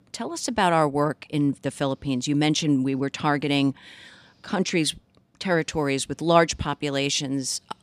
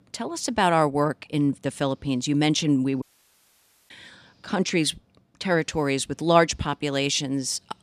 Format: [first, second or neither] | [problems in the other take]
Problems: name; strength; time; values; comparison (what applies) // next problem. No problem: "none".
first | audio cutting out; at 3 s for 1 s